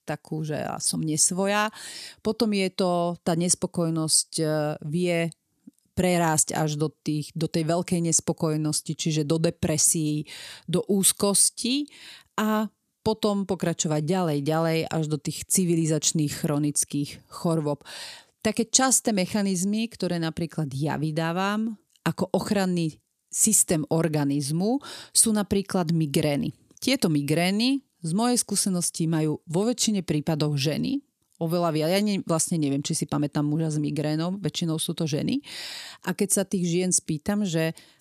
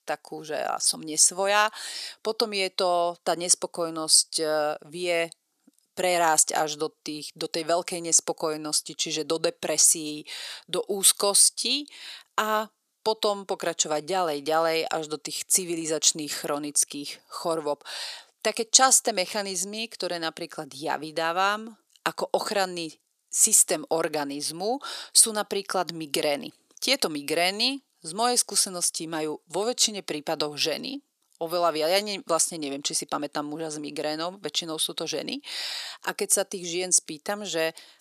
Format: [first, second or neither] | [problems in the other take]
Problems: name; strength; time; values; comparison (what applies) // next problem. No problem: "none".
first | thin; very; fading below 550 Hz